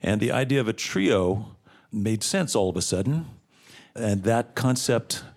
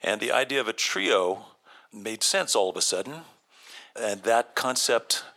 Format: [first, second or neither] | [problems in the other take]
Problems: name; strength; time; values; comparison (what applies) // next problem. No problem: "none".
first | thin; very; fading below 650 Hz